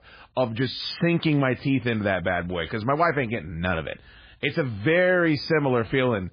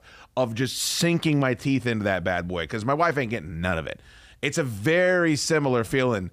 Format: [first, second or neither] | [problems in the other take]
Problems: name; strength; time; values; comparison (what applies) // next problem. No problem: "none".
second | garbled, watery; badly; nothing above 5 kHz